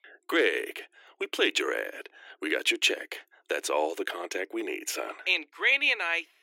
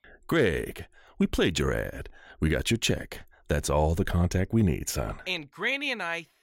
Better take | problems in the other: second | thin; very; fading below 300 Hz

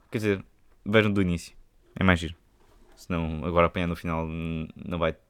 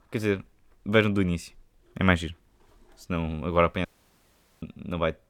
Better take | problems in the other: first | audio cutting out; at 4 s for 1 s

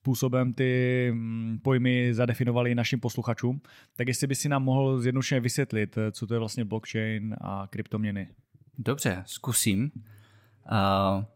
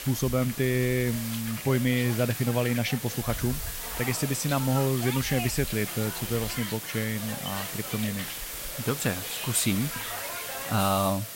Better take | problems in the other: first | hiss; loud; throughout; 5 dB below the speech

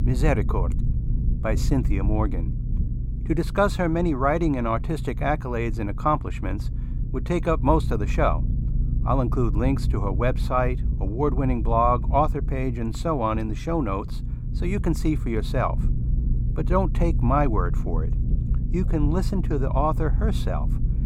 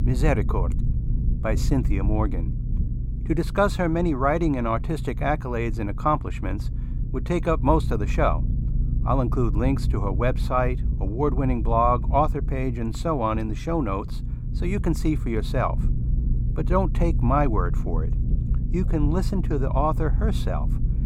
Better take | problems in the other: neither | low rumble; noticeable; throughout; 15 dB below the speech; the same in both

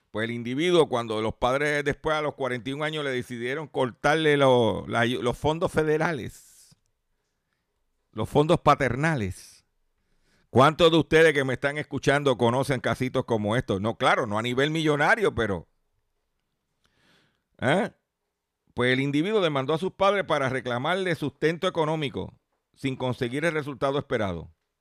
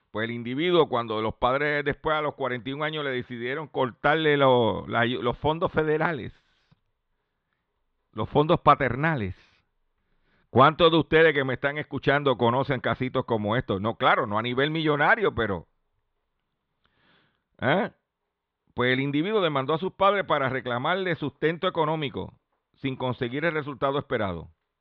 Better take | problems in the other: first | muffled; very slightly; fading above 3.5 kHz

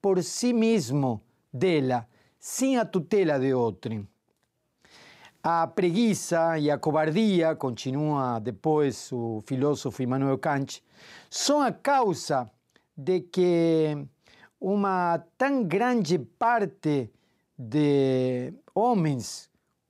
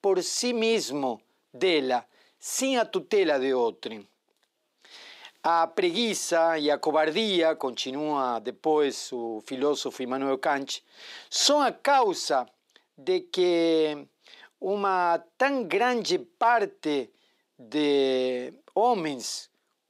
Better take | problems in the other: first | thin; somewhat; fading below 300 Hz

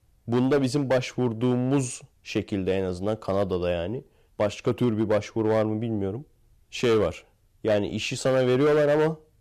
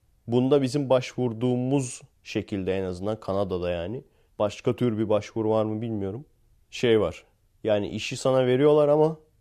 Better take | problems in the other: second | distortion; slight; 7% of the sound clipped

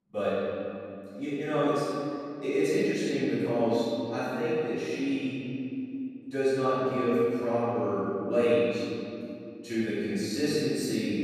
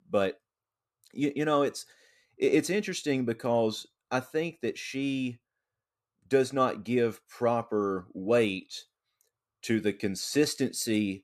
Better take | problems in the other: second | off-mic speech; far // room echo; strong; dies away in 2.7 s

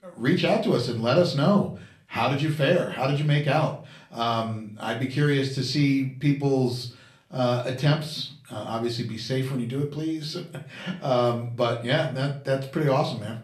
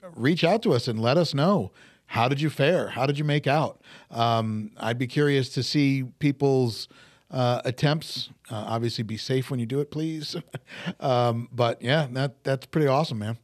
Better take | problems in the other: second | room echo; slight; dies away in 0.3 s // off-mic speech; far

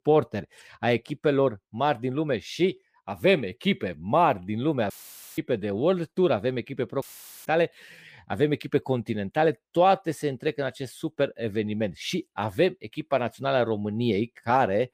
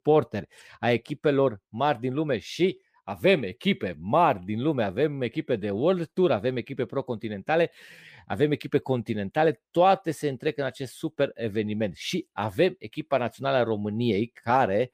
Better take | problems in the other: second | audio cutting out; filled with static; at 5 s and at 7 s

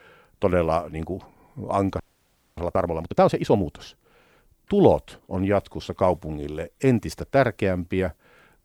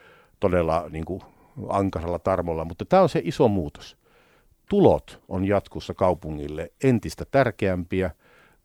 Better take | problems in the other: second | audio freezing; at 2 s for 0.5 s

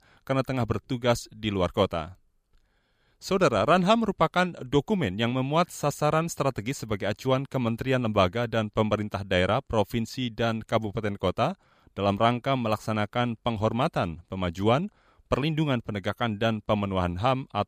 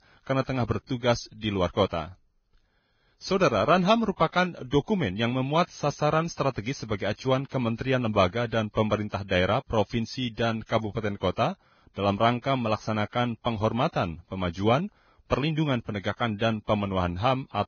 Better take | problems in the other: first | garbled, watery; badly; nothing above 6.5 kHz

